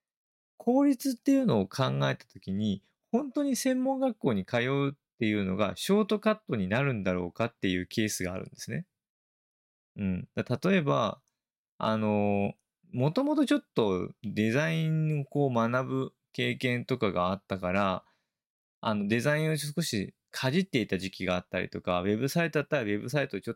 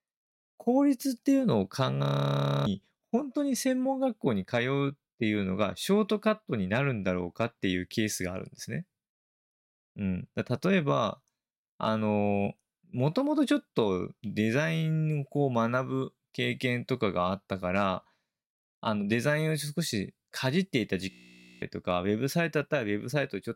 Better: first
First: none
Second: audio freezing; at 2 s for 0.5 s and at 21 s for 0.5 s

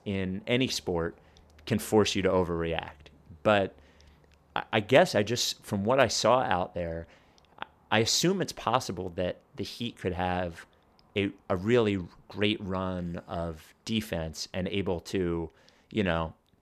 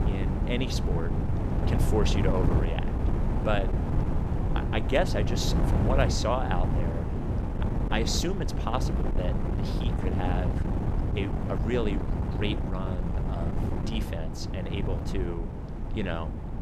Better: first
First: none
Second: wind noise on the microphone; heavy; 4 dB below the speech

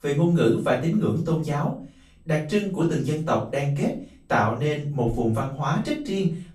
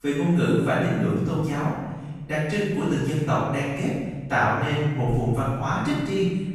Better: first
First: room echo; slight; dies away in 0.3 s // off-mic speech; far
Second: room echo; strong; dies away in 1.4 s // off-mic speech; far

